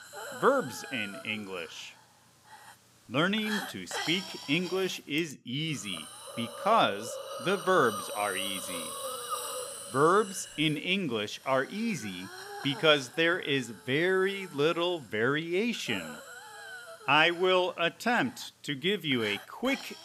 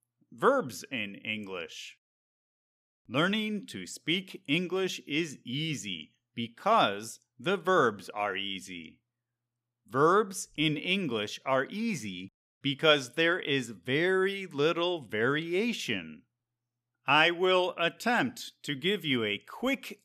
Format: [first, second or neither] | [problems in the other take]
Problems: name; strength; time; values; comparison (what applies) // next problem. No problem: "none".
second | hiss; noticeable; throughout; 10 dB below the speech